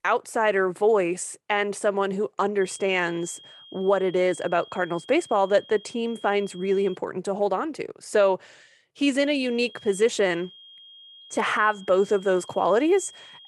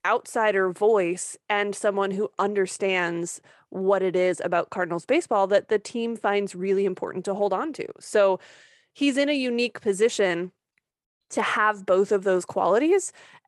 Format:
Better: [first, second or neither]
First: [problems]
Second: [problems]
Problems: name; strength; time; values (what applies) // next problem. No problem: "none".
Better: second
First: high-pitched whine; faint; from 2.5 to 7 s and from 9 s on; 3.5 kHz, 20 dB below the speech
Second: none